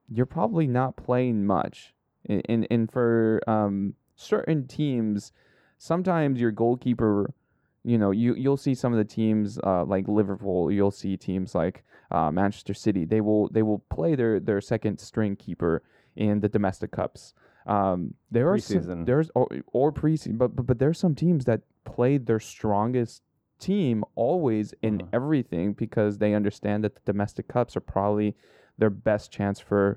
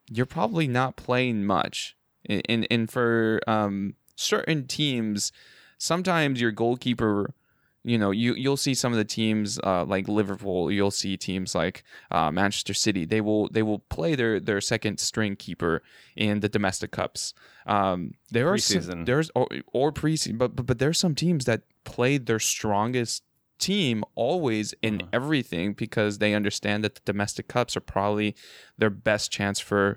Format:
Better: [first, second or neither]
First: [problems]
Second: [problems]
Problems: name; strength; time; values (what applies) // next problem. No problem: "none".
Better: second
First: muffled; very; fading above 1.5 kHz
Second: none